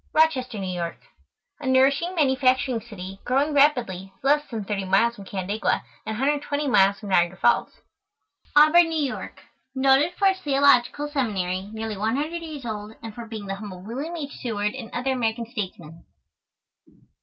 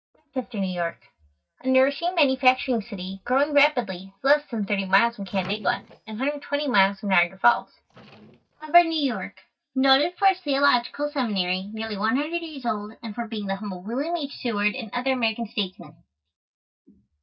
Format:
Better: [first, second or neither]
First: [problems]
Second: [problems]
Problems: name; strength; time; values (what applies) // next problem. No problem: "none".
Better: first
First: none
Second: noise reduction (neural mask model DeepFilterNet 3)